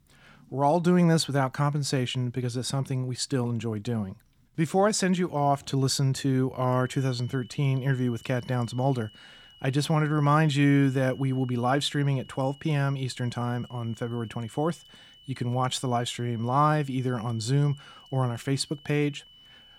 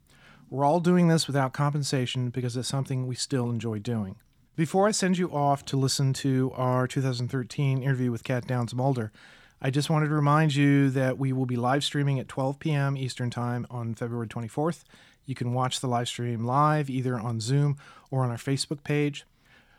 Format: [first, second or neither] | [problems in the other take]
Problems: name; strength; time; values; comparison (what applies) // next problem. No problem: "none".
second | high-pitched whine; faint; from 6.5 s on; 3 kHz, 25 dB below the speech